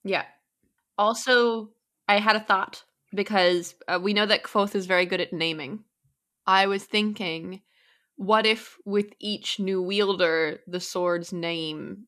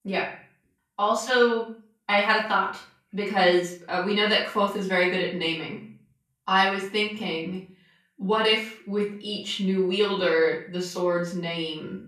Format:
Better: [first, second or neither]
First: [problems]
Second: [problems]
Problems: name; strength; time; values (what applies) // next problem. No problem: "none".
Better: first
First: none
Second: room echo; slight; dies away in 0.5 s // off-mic speech; far